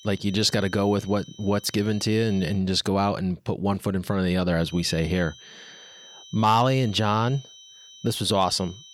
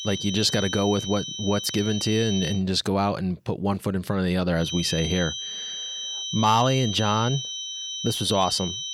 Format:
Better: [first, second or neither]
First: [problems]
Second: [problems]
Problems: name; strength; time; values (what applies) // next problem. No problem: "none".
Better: first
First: high-pitched whine; faint; until 2.5 s and from 4.5 s on; 3 kHz, 20 dB below the speech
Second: high-pitched whine; loud; until 2.5 s and from 4.5 s on; 3 kHz, 6 dB below the speech